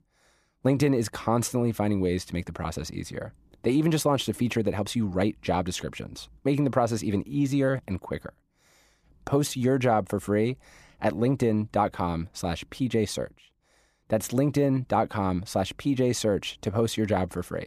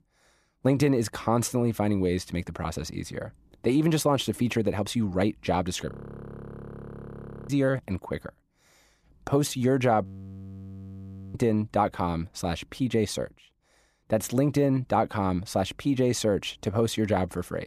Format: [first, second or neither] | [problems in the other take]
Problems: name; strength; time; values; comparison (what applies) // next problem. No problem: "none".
first | audio freezing; at 6 s for 1.5 s and at 10 s for 1.5 s